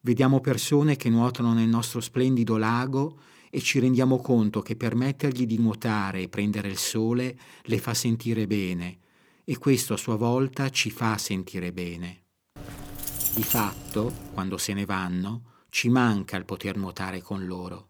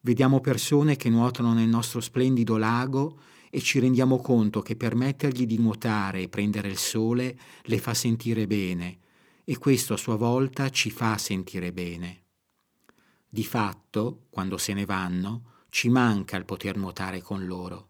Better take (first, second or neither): second